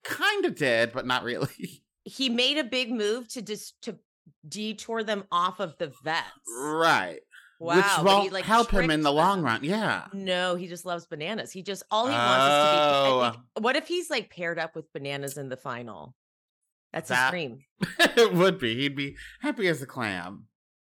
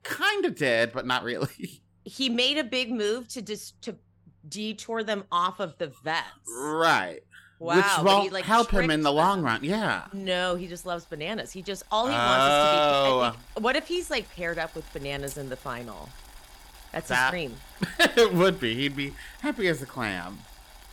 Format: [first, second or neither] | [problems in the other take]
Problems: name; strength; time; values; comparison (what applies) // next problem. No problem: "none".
first | household noises; faint; throughout; 25 dB below the speech